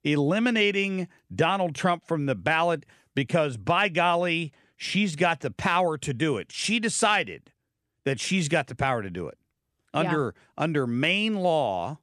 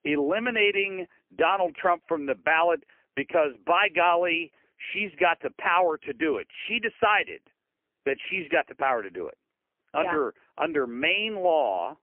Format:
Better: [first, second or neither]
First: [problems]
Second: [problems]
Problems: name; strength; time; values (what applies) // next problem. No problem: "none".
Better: first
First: none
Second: phone-call audio; poor line; nothing above 3 kHz